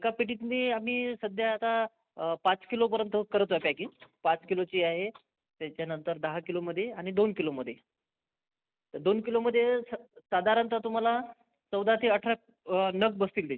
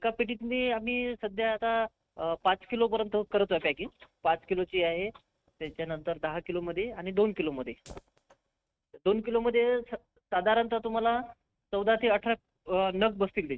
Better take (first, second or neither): first